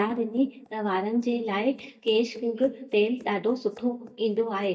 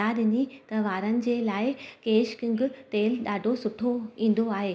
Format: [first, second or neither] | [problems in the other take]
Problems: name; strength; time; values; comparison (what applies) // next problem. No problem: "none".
second | noise reduction (neural mask model DeepFilterNet 3)